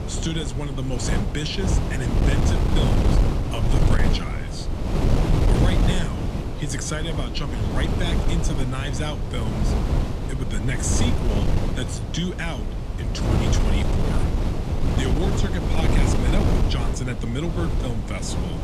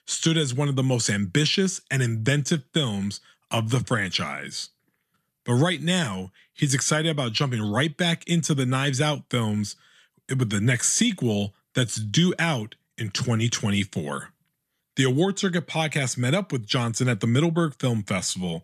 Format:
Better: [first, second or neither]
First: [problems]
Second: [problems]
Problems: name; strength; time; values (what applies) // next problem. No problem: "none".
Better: second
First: wind noise on the microphone; heavy; as loud as the speech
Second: none